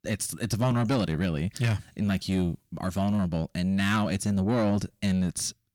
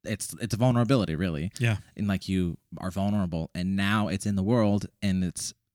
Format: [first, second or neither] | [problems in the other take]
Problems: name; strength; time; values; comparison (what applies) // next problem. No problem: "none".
second | distortion; slight; 10 dB below the speech